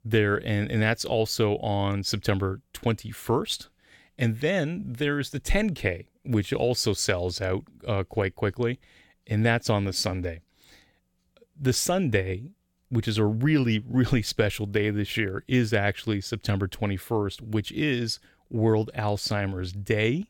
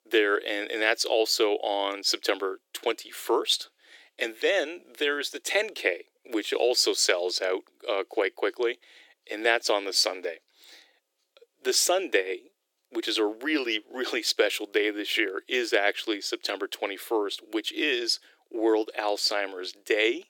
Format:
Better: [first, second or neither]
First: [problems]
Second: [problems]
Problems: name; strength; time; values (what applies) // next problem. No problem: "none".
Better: first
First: none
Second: thin; very; fading below 350 Hz